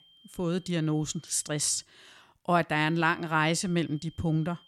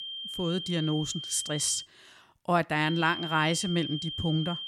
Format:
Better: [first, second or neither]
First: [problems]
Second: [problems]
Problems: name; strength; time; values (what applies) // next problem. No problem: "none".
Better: first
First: high-pitched whine; faint; until 2 s and from 3 s on; 3 kHz, 30 dB below the speech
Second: high-pitched whine; loud; until 2 s and from 3 s on; 3 kHz, 7 dB below the speech